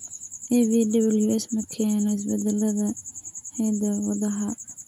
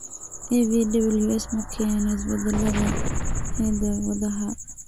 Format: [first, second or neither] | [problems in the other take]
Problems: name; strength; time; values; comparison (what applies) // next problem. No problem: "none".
first | background sound (Explosion); 5 dB below the speech